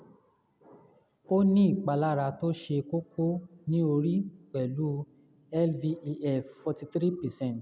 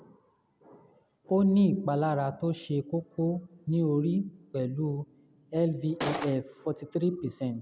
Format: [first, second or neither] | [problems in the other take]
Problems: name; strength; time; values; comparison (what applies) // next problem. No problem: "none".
first | background sound (Gunshot, gunfire); 3 dB below the speech